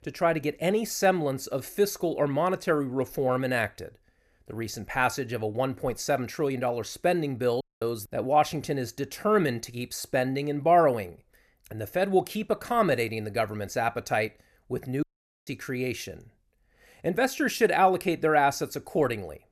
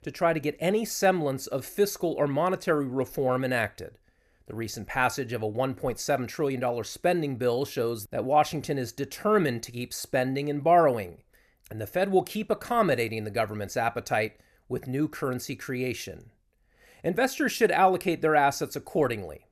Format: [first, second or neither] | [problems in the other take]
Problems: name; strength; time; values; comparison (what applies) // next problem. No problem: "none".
second | audio cutting out; at 7.5 s and at 15 s